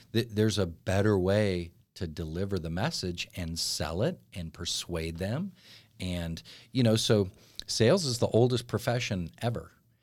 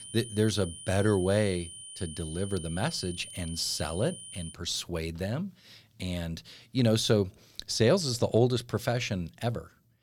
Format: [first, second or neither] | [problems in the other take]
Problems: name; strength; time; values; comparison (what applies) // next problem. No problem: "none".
first | high-pitched whine; noticeable; until 4.5 s; 9.5 kHz, 10 dB below the speech